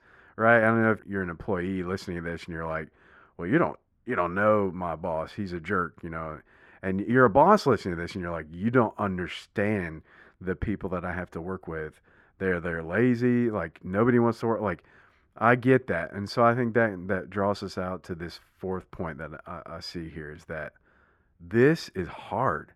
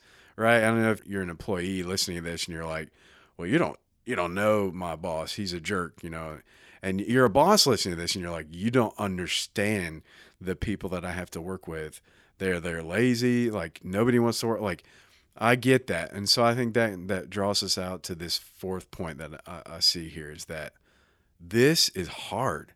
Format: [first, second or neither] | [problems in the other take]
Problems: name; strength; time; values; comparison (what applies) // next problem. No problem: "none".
second | muffled; very; fading above 2.5 kHz